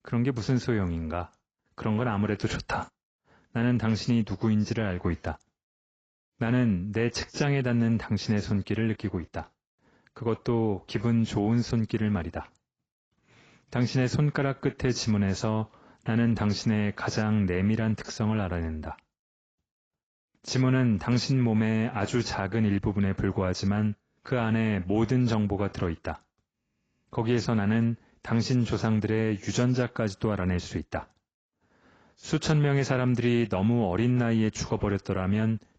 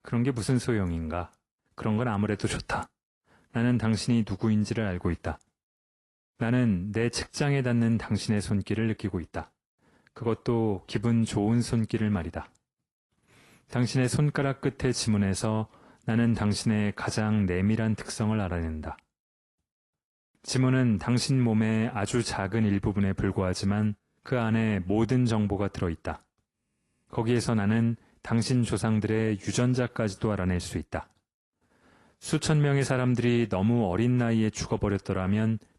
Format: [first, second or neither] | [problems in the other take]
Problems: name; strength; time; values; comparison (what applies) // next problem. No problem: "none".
second | garbled, watery; badly; nothing above 7.5 kHz; slightly in the second